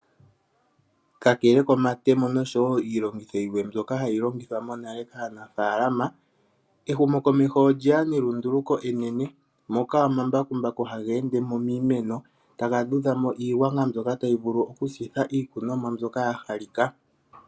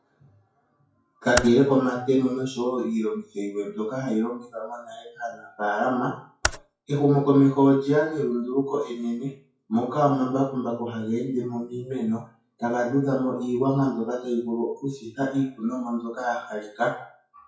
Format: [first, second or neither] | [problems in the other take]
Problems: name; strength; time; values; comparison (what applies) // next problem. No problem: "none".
first | noise reduction (classical method WPE with log-MMSE)